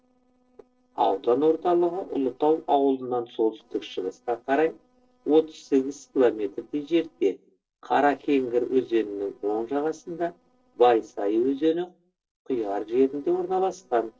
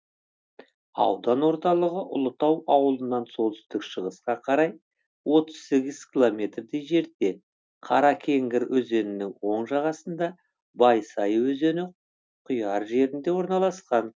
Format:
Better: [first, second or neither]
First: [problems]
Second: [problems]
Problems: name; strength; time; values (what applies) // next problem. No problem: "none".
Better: second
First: noise reduction (neural separator model SepFormer DNS4)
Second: none